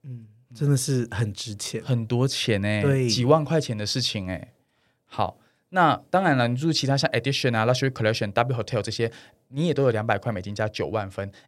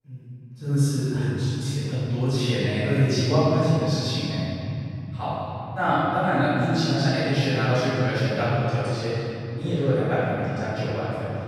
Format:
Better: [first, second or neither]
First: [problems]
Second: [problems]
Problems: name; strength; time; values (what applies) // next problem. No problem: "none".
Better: first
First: none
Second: off-mic speech; far // room echo; strong; dies away in 3 s